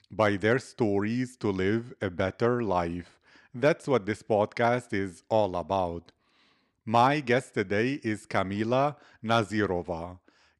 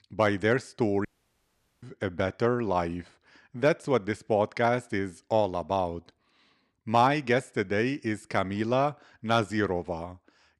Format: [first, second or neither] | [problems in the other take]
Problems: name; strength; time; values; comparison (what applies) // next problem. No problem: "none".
first | audio cutting out; at 1 s for 1 s